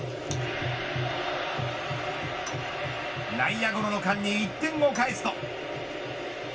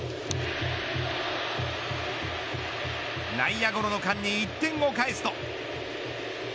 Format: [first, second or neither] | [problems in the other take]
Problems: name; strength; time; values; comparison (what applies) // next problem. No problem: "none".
second | background sound (Cutlery, silverware / Dishes, pots, and pans); 18 dB below the speech // room echo; dies away in 0.2 s